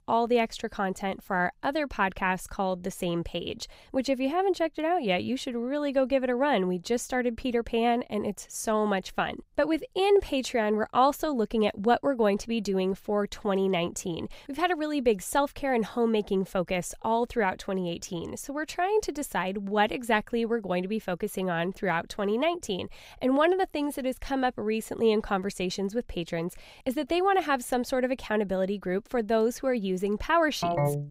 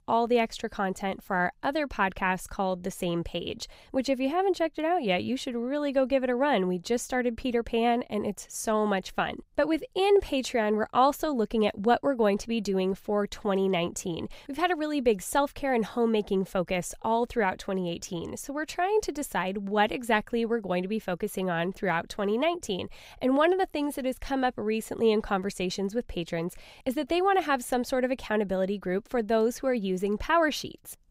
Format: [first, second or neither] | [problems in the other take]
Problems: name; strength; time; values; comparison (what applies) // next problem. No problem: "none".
second | phone ringing; loud; at 31 s; peak 1 dB above the speech